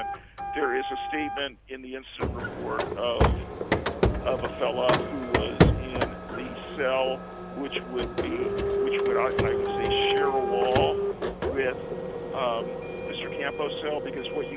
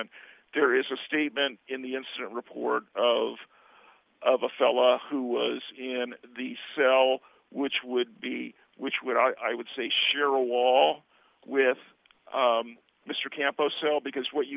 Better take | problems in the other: second | background sound (Printer); 3 dB above the speech

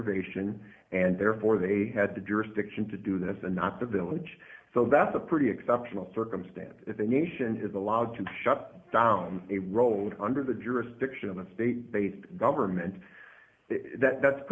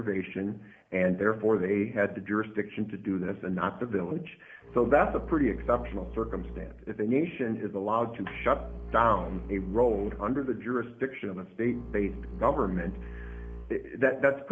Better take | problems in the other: first | background sound (Bowed string instrument); 12 dB below the speech

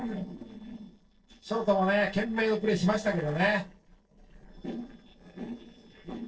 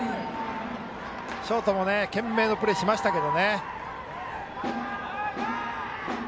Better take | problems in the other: second | noise reduction (neural separator model SepFormer DNS4)

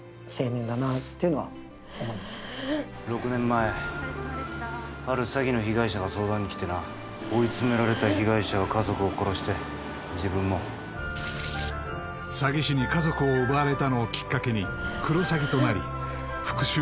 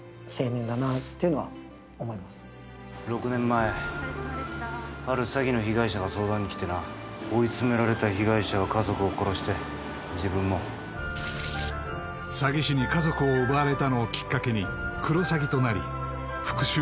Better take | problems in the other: second | background sound (Breathing); 10 dB below the speech

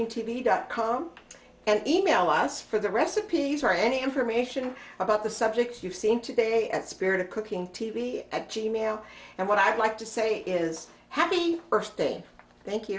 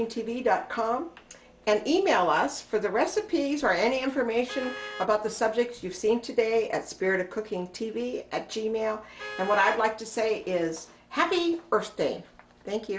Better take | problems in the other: first | background sound (Vehicle horn, car horn, honking); 18 dB below the speech

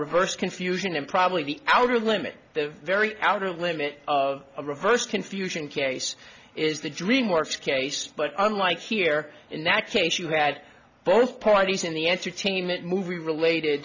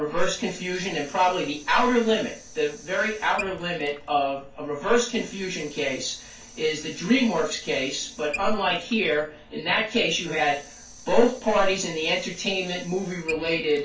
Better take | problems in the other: first | background sound (Sink (filling or washing) / Water tap, faucet); 19 dB below the speech // room echo; dies away in 0.2 s

